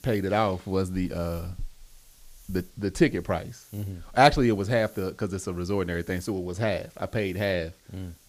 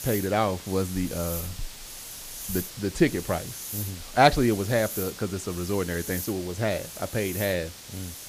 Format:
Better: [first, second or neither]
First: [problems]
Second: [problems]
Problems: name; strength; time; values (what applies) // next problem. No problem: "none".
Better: first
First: hiss; faint; throughout; 25 dB below the speech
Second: hiss; loud; throughout; 9 dB below the speech